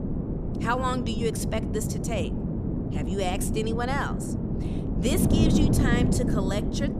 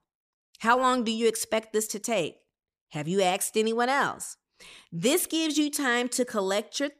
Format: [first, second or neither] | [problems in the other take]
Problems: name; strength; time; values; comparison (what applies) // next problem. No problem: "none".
second | wind noise on the microphone; heavy; 3 dB below the speech